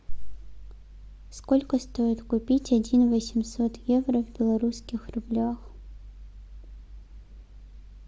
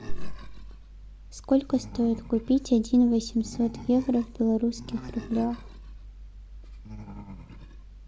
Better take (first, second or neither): first